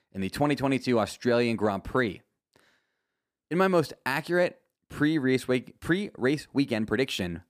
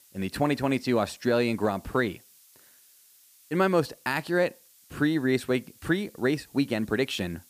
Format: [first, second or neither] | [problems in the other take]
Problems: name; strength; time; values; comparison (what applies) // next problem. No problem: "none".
first | hiss; faint; throughout; 25 dB below the speech